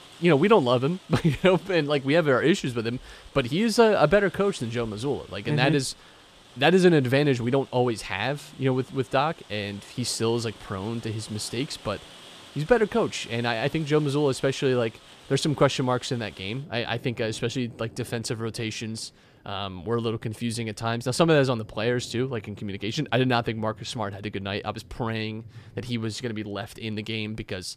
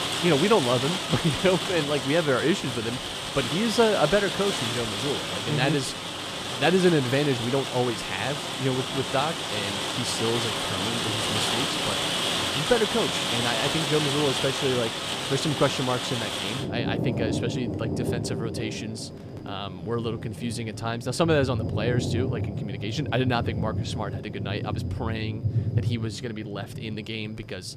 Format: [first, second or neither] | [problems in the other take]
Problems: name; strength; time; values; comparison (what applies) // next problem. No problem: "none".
first | rain or running water; loud; throughout; 1 dB below the speech; faint in the first